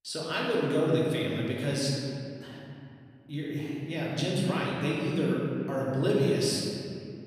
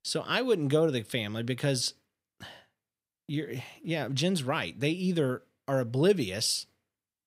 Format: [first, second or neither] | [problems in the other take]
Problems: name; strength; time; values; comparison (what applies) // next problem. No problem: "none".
second | room echo; strong; dies away in 2.4 s // off-mic speech; far